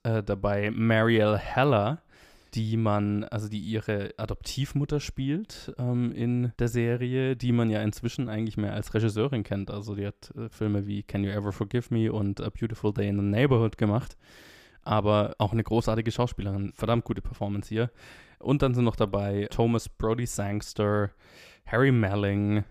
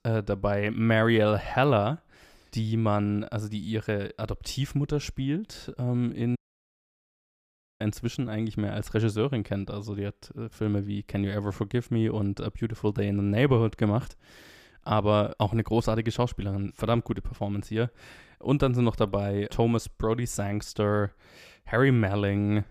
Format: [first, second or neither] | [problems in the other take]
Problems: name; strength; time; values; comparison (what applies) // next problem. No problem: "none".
first | audio cutting out; at 6.5 s for 1.5 s